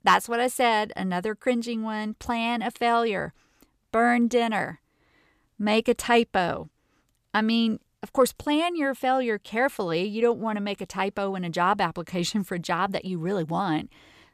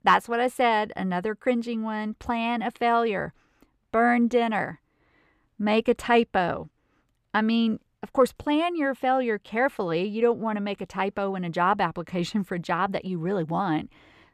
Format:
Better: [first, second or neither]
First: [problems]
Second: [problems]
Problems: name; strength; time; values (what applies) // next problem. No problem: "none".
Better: first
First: none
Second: muffled; slightly; fading above 3.5 kHz